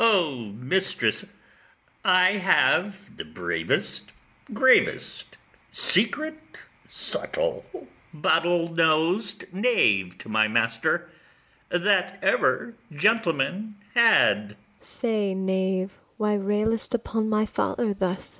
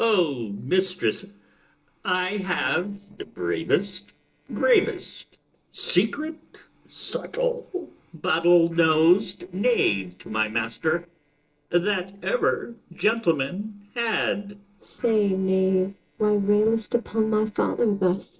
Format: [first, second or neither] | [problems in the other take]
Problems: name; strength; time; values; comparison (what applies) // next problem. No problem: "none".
first | noise reduction (neural separator model SepFormer DNS4)